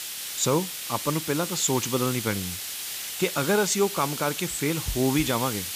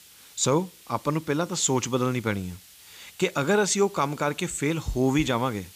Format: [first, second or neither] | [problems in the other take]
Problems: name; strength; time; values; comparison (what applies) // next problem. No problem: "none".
second | hiss; loud; throughout; 5 dB below the speech; faint in the second